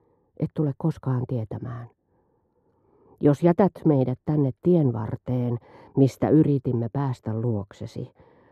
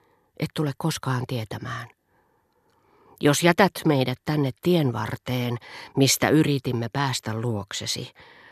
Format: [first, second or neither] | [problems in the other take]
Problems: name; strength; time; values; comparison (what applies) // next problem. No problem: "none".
second | muffled; very; fading above 1.5 kHz